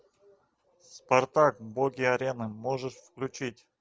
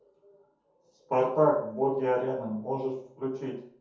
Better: first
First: none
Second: room echo; dies away in 0.6 s

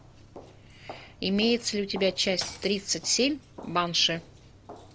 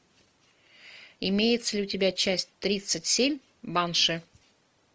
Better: second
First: background sound (Walk, footsteps + Shatter / Crushing); 16 dB below the speech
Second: none

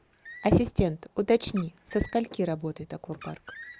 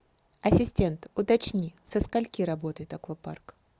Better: second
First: background sound (Car); 20 dB below the speech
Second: none

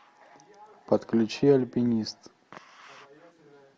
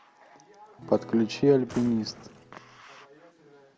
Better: first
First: none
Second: background sound (Acoustic guitar / Strum + Drawer open or close); 17 dB below the speech

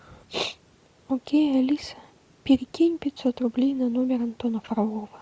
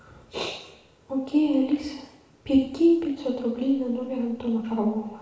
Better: first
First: none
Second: room echo; dies away in 0.8 s

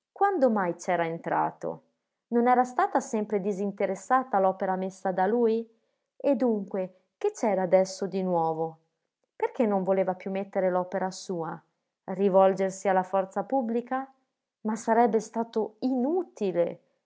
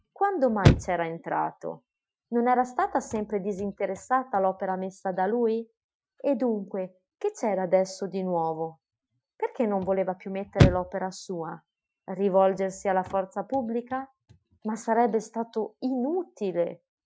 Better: first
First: none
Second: noise reduction (classical method Wiener filter)

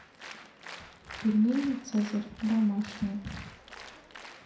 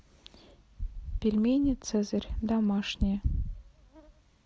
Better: second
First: background sound (Applause); 16 dB below the speech // room echo; dies away in 0.4 s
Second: none

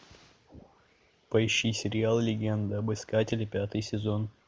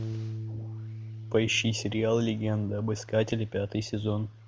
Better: first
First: none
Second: background sound (Bass guitar); 10 dB below the speech

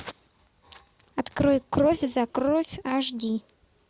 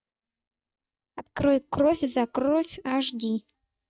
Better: first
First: none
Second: noise reduction (neural mask model DeepFilterNet 3)

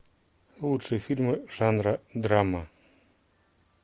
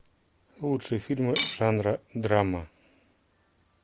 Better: first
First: none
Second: background sound (Cutlery, silverware / Dishes, pots, and pans); 4 dB below the speech

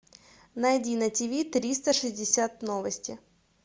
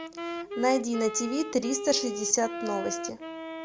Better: first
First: none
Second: background sound (Wind instrument, woodwind instrument); 7 dB below the speech

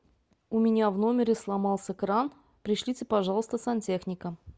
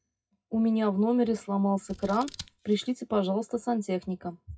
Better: first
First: none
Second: noise reduction (classical method WPE with log-MMSE)

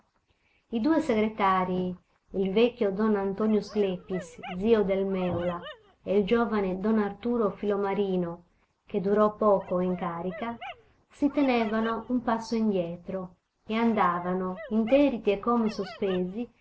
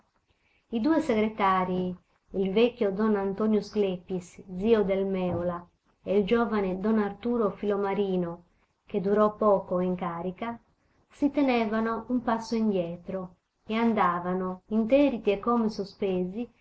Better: second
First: background sound (Dog); 18 dB below the speech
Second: none

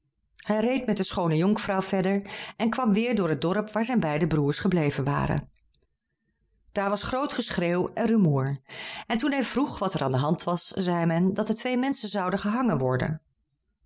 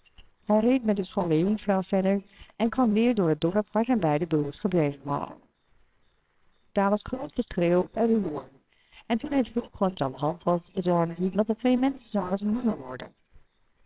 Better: first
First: none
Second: noise reduction (neural separator model SepFormer WHAMR!)

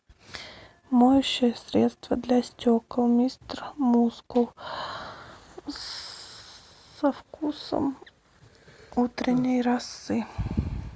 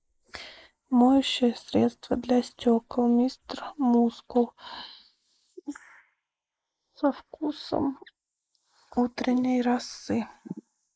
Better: first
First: none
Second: noise reduction (neural mask model Resemble Enhance denoiser)

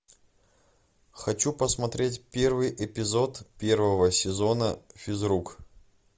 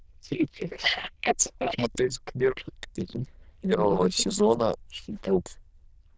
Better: first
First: none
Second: noise reduction (neural diffusion model UNIVERSE++)

